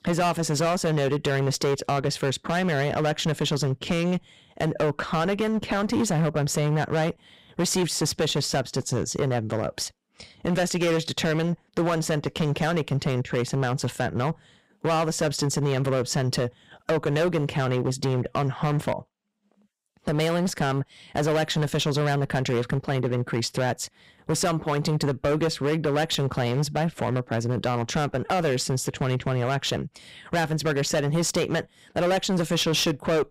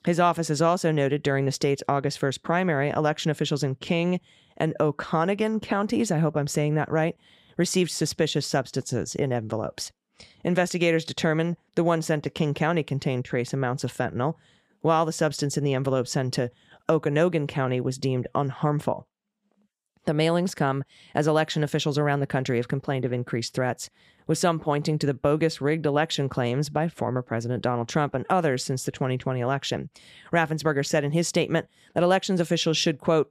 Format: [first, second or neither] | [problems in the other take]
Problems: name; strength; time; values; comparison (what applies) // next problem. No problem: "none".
second | distortion; heavy; 15% of the sound clipped